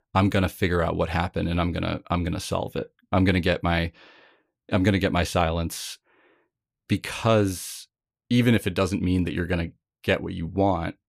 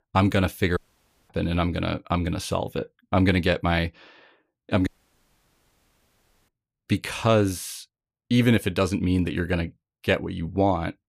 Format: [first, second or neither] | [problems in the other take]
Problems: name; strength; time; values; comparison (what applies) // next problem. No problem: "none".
first | audio cutting out; at 1 s for 0.5 s and at 5 s for 1.5 s